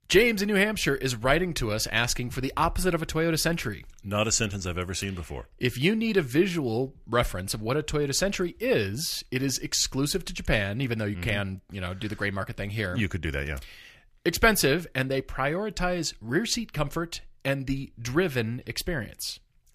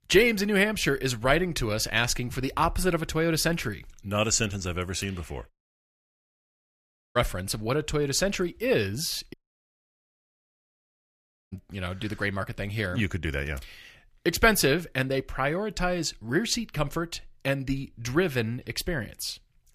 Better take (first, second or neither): first